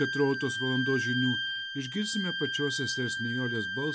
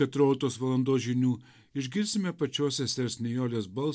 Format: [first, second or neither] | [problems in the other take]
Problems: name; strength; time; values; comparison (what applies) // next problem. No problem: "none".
second | background sound (Wind instrument, woodwind instrument); 2 dB below the speech